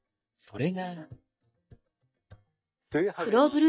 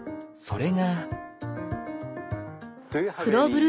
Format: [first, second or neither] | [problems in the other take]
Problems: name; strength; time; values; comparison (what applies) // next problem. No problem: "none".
second | noise reduction (neural mask model DeepFilterNet 3)